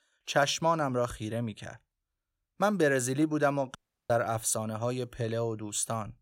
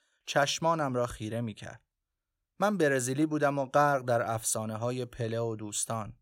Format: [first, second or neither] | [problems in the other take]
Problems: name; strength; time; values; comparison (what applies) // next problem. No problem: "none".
second | audio cutting out; at 4 s